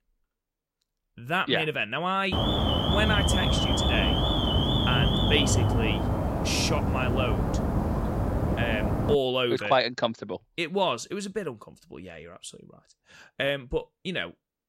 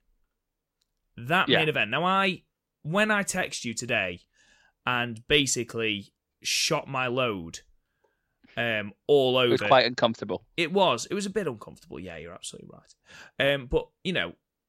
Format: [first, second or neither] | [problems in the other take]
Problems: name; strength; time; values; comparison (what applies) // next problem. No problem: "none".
second | alarm; loud; from 2.5 to 9 s; peak 5 dB above the speech